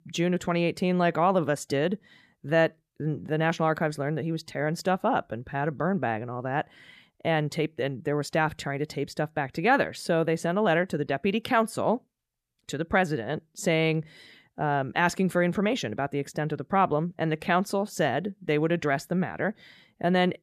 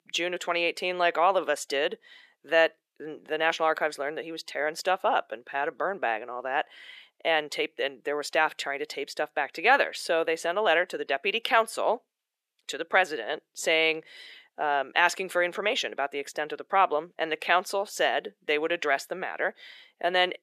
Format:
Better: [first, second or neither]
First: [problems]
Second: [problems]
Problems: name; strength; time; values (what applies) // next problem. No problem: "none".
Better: first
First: none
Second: thin; very; fading below 450 Hz